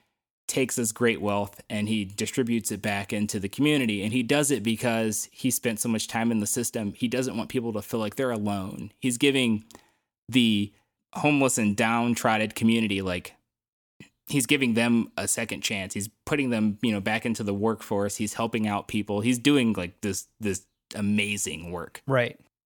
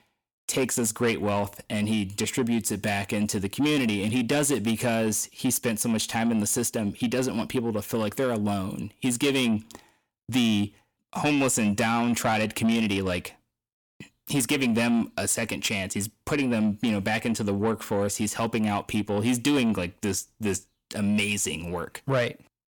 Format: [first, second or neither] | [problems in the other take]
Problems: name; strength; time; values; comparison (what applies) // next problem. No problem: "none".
first | distortion; slight; 10 dB below the speech